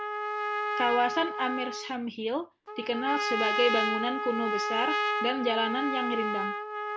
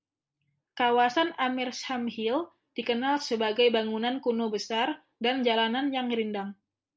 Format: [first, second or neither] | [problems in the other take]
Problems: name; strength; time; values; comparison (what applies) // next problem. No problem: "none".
second | background sound (Trumpet); 1 dB below the speech